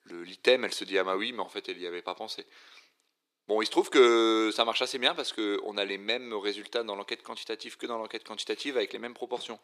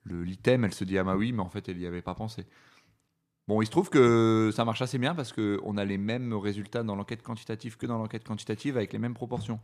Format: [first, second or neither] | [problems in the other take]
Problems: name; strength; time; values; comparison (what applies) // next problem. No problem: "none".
second | thin; very; fading below 350 Hz